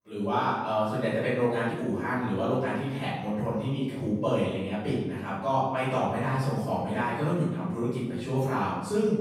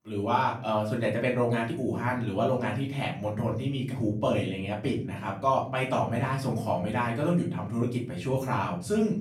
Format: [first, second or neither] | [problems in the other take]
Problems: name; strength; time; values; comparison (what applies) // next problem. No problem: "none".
second | room echo; strong; dies away in 1 s; slight in the second // off-mic speech; far; far in the second